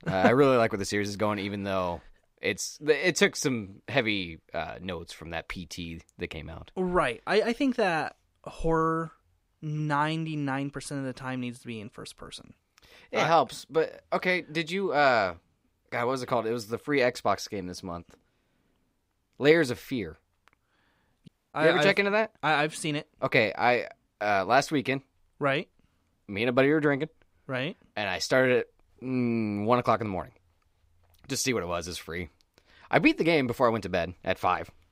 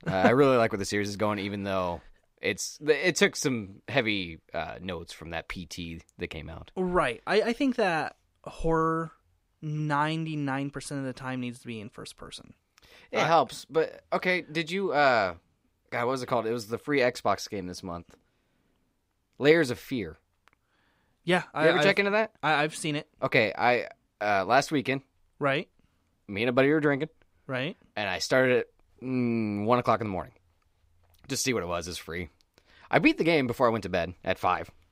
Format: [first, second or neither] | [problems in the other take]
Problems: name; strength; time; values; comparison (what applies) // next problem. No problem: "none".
second | audio cutting out; at 21 s